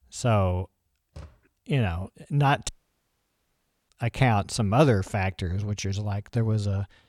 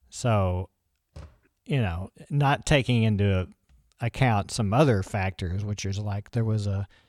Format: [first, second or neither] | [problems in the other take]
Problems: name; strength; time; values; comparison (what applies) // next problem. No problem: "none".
second | audio cutting out; at 2.5 s for 1 s